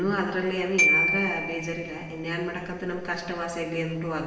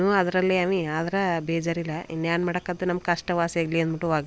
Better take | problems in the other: second | background sound (Glockenspiel); as loud as the speech // room echo; dies away in 1 s

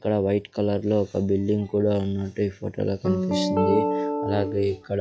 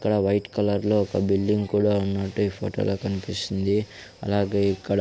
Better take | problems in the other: second | noise reduction (classical method log-MMSE)

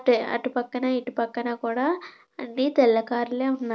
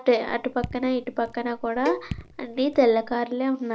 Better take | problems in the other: first | background sound (Cowbell + Raindrop / Drip); 13 dB below the speech

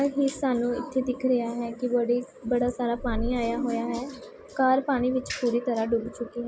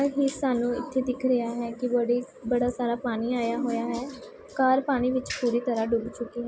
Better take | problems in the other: second | background sound (Purr); 8 dB below the speech

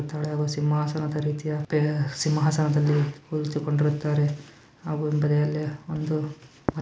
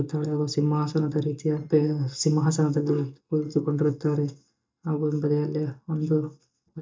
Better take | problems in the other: first | noise reduction (neural mask model DeepFilterNet 3)

